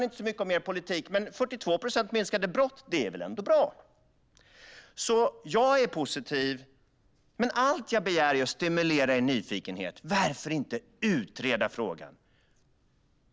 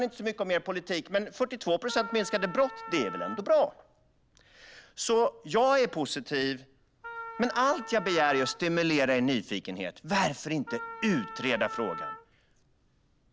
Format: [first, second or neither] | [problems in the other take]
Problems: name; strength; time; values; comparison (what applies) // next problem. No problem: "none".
first | background sound (Wind instrument, woodwind instrument); 11 dB below the speech